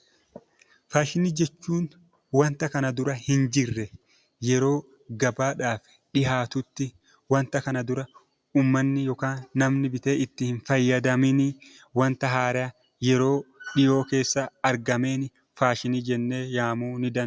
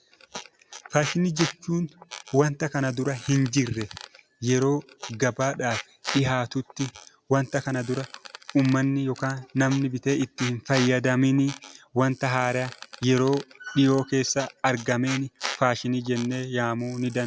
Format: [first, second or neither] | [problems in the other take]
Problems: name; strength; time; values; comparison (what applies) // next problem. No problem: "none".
first | background sound (Squeak); 15 dB below the speech